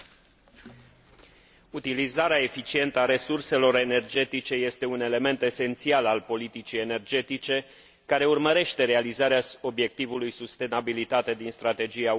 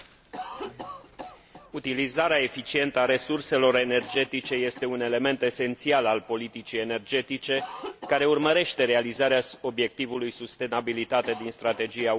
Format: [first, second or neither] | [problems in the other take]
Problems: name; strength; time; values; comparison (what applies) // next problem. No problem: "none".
first | background sound (Cough); 18 dB below the speech